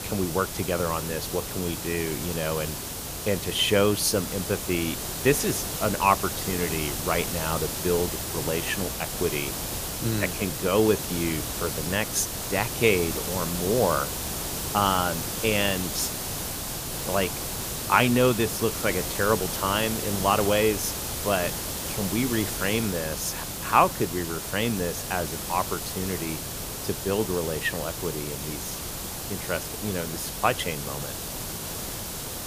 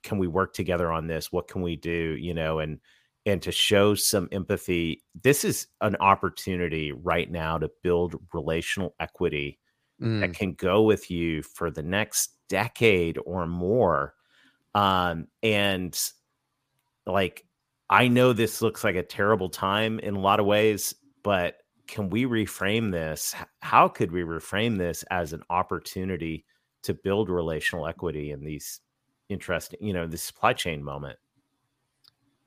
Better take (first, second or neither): second